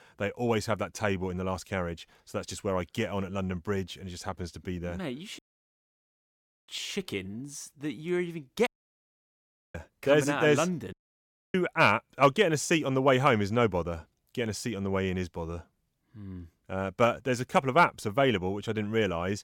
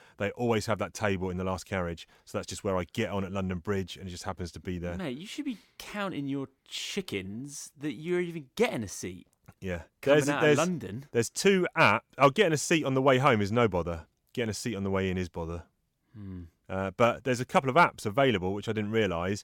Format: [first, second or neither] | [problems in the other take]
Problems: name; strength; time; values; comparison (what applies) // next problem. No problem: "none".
second | audio cutting out; at 5.5 s for 1.5 s, at 8.5 s for 1 s and at 11 s for 0.5 s